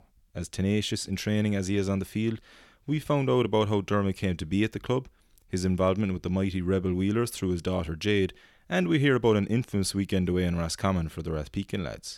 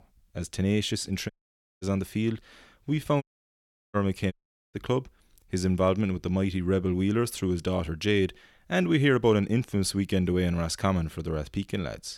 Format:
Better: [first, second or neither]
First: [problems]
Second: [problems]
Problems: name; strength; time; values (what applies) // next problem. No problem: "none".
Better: first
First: none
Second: audio cutting out; at 1.5 s for 0.5 s, at 3 s for 0.5 s and at 4.5 s